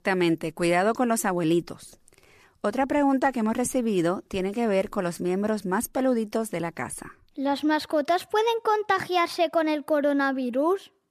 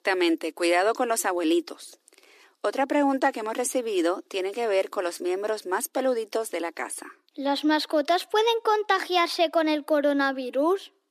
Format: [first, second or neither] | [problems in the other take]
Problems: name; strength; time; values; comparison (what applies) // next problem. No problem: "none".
first | thin; very slightly; fading below 300 Hz